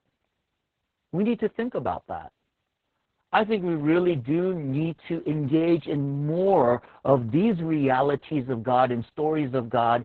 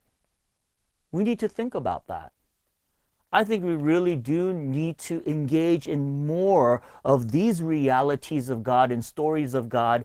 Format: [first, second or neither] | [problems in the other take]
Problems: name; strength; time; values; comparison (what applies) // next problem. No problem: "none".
second | garbled, watery; badly; slightly in the second